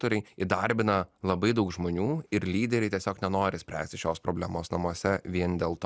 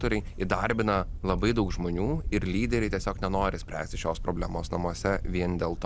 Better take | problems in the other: first | background sound (Camera); 6 dB below the speech

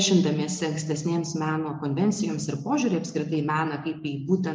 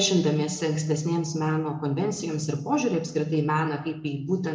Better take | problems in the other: first | room echo; dies away in 0.4 s

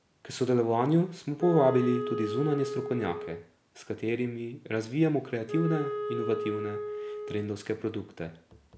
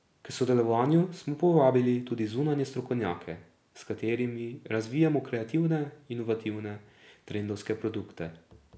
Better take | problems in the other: second | background sound (Wind instrument, woodwind instrument); 6 dB below the speech

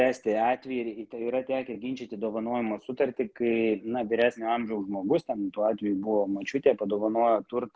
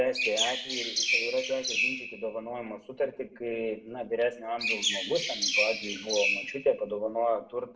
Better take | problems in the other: first | background sound (Chirp, tweet); 1 dB above the speech // room echo; dies away in 0.5 s

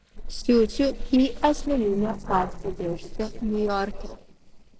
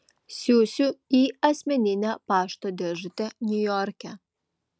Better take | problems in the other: second | noise reduction (neural separator model SepFormer DNS4)

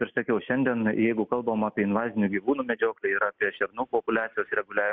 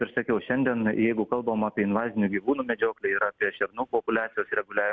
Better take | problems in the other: second | noise reduction (neural mask model Resemble Enhance denoiser)

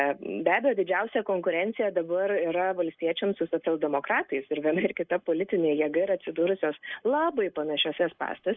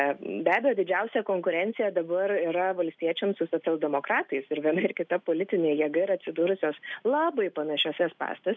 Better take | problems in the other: second | noise reduction (neural mask model Resemble Enhance denoiser)

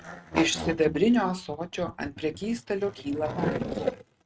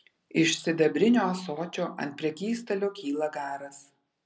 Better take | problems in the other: second | noise reduction (neural mask model RNNoise)

